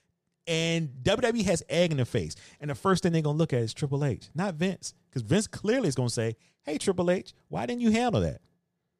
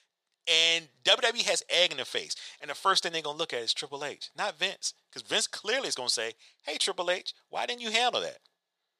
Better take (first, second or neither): first